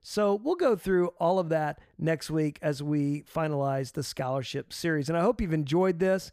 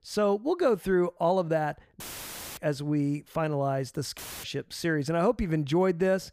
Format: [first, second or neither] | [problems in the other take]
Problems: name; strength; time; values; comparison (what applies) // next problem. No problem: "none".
first | audio cutting out; filled with static; at 2 s for 0.5 s and at 4 s